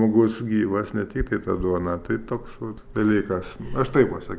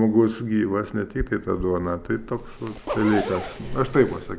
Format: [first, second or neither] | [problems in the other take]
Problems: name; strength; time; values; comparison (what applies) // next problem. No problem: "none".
first | background sound (Zipper (clothing)); 11 dB below the speech